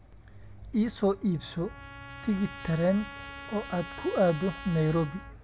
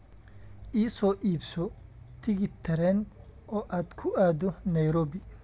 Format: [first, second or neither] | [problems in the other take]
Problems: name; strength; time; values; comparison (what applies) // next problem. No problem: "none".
second | background sound (Trumpet); 15 dB below the speech